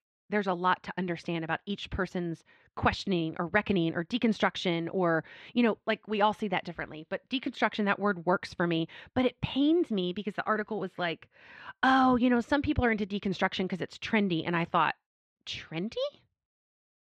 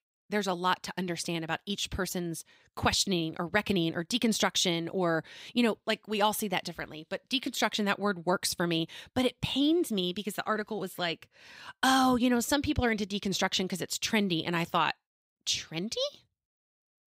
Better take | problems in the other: second | muffled; very; fading above 2 kHz

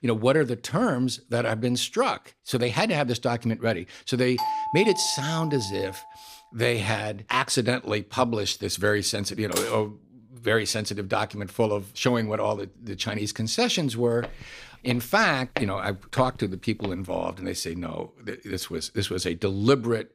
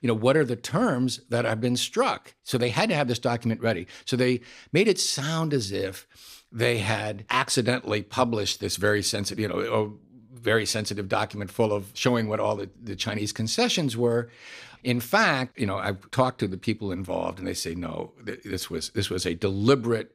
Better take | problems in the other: second | doorbell; noticeable; from 4.5 to 6 s; peak 2 dB below the speech // clattering dishes; noticeable; at 9.5 s; peak 5 dB below the speech // footsteps; noticeable; from 14 to 17 s; peak 8 dB below the speech

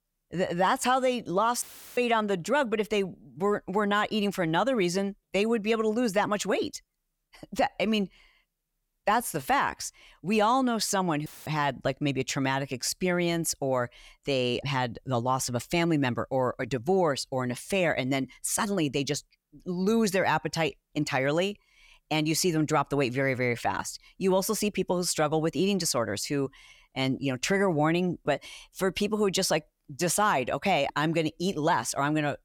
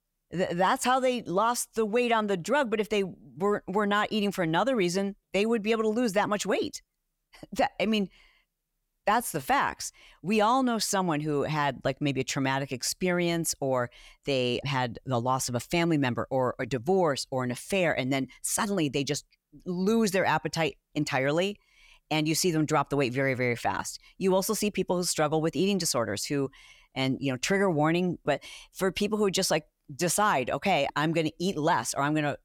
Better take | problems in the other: second | audio cutting out; filled with static; at 1.5 s and at 11 s

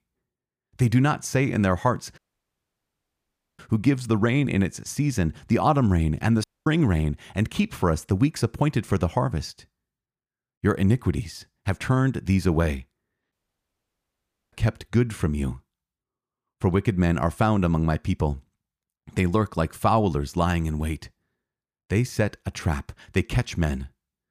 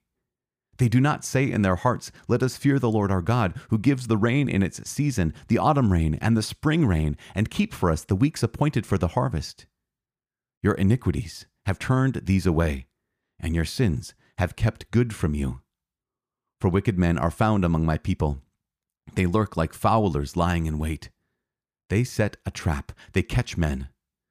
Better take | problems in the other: second | audio cutting out; at 2 s for 1.5 s, at 6.5 s and at 13 s for 1 s

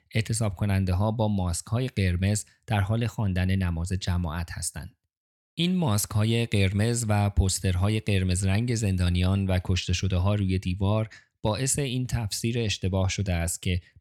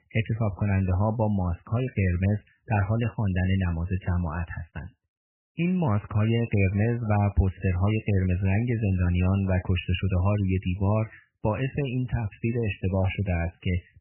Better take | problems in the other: first | garbled, watery; badly; nothing above 3 kHz

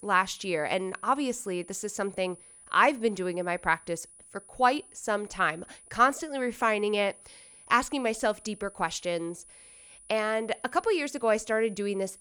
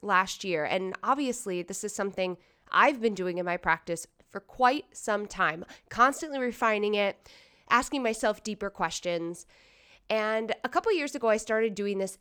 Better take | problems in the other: second | high-pitched whine; faint; throughout; 9.5 kHz, 20 dB below the speech

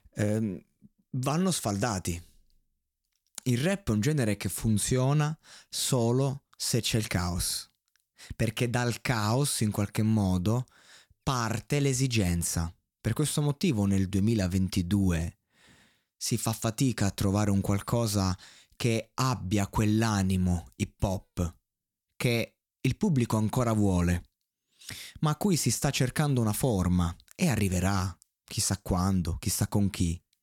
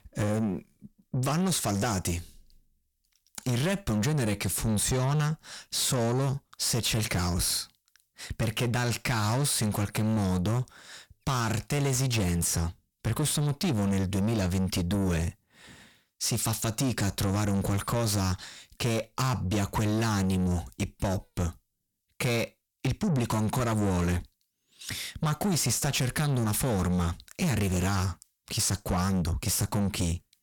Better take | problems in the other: first | distortion; heavy; 8 dB below the speech

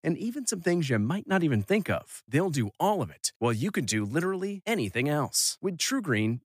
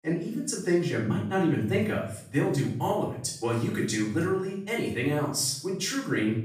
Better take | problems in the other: first | off-mic speech; far // room echo; noticeable; dies away in 0.6 s

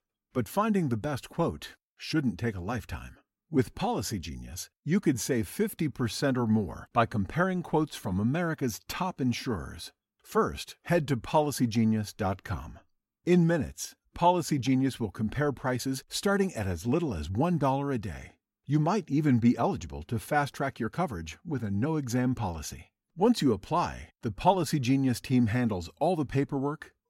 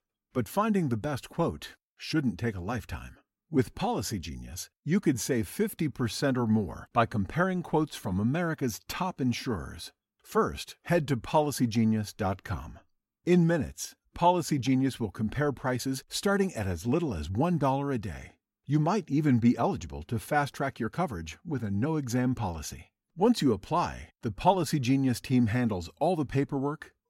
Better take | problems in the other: neither | none

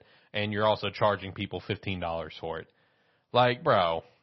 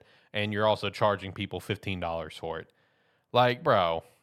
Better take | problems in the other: second | garbled, watery; slightly; nothing above 5.5 kHz

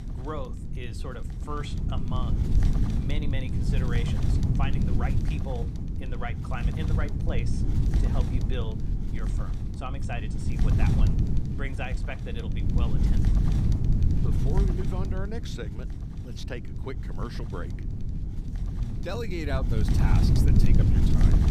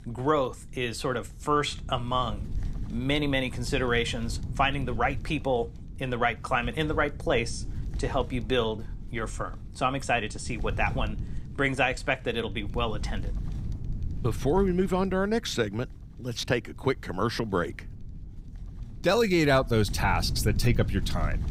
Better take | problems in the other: second | wind noise on the microphone; heavy; 1 dB below the speech; occasional gusts in the second

